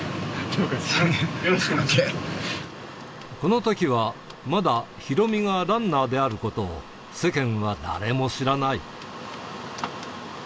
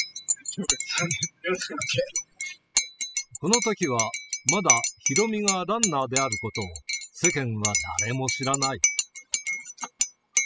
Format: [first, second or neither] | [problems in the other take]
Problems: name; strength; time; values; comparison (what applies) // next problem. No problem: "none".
first | noise reduction (classical method spectral subtraction)